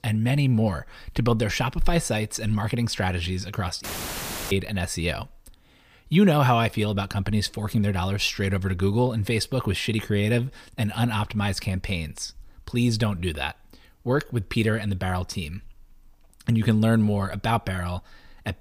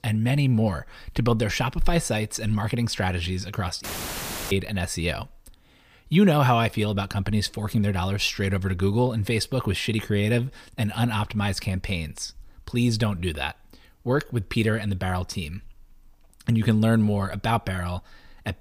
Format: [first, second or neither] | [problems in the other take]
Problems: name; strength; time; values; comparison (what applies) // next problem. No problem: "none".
neither | audio cutting out; filled with static; at 4 s for 0.5 s; the same in both